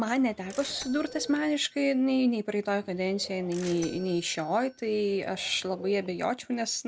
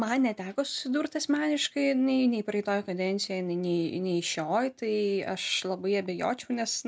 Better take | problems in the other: second | background sound (Bell / Mechanisms + Bird); 18 dB below the speech

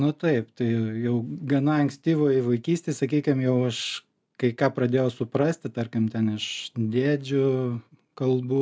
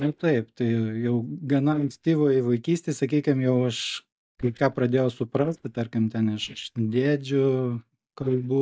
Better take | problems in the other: first | noise reduction (neural mask model DeepFilterNet 3)

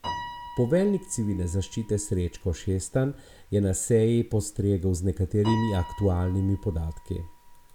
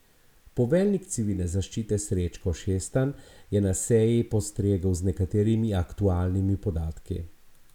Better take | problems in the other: second | background sound (Piano); 16 dB below the speech

